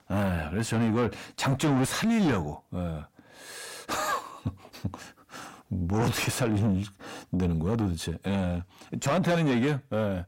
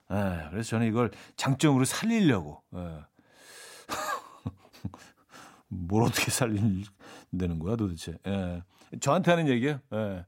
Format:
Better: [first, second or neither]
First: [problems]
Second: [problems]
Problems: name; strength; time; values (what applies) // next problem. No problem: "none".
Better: second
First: distortion; heavy; 7 dB below the speech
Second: none